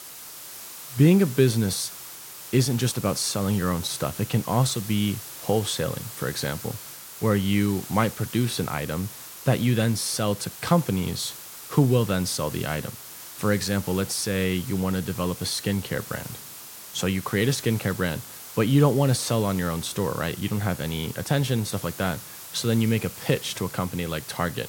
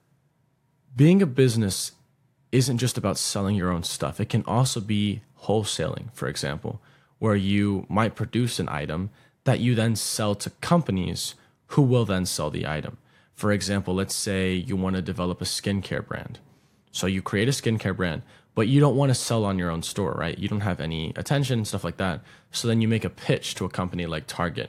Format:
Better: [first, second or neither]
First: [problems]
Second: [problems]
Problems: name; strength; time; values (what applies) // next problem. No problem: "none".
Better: second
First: hiss; noticeable; throughout; 10 dB below the speech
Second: none